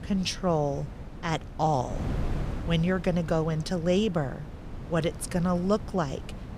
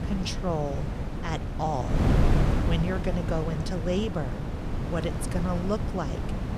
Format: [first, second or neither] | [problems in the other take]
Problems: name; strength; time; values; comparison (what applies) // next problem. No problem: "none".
first | wind noise on the microphone; heavy; 3 dB below the speech; occasional gusts in the first